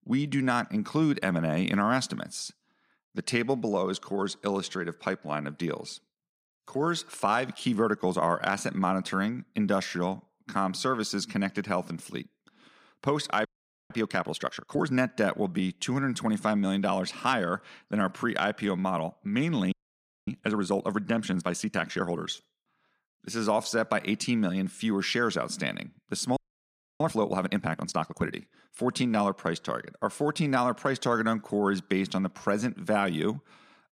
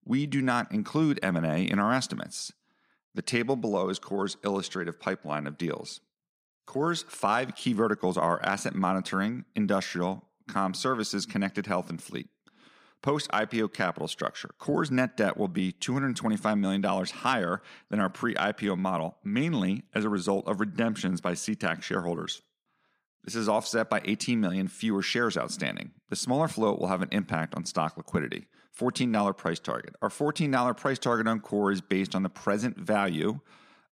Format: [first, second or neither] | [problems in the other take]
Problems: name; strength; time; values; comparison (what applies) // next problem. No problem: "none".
second | audio freezing; at 13 s, at 20 s for 0.5 s and at 26 s for 0.5 s